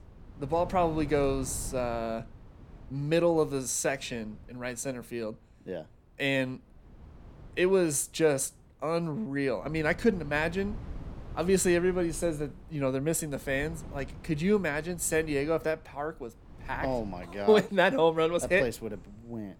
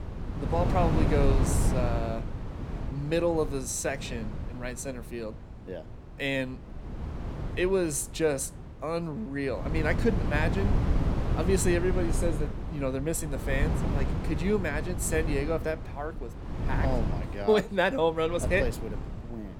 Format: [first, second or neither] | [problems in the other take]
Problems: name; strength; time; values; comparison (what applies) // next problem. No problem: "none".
first | wind noise on the microphone; heavy; 9 dB below the speech; occasional gusts in the first